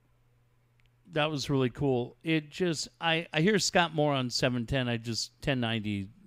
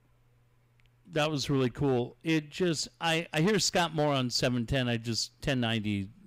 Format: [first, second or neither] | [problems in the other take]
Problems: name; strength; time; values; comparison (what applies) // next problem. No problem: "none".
first | distortion; slight; 5% of the sound clipped